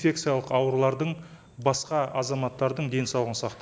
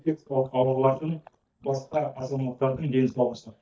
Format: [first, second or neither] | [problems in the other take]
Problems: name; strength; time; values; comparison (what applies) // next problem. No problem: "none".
first | noise reduction (neural mask model DeepFilterNet 3)